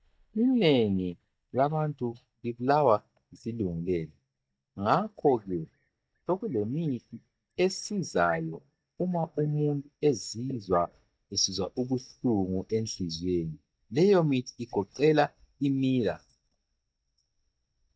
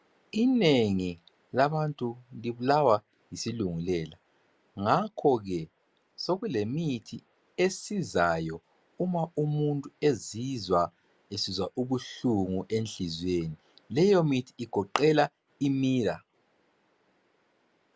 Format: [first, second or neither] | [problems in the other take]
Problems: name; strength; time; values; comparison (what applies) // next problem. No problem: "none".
second | noise reduction (neural mask model DeepFilterNet 3)